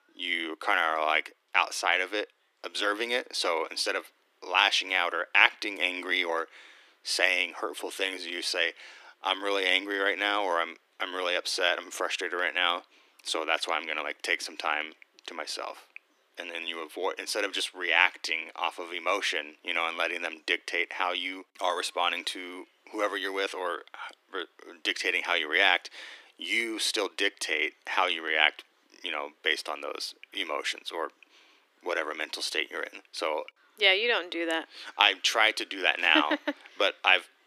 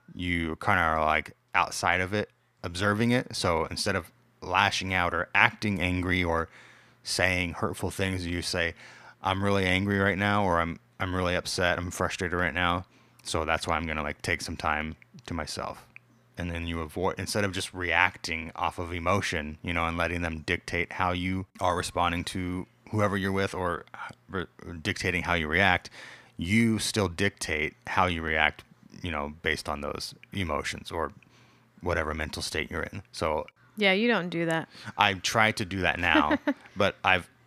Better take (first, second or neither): second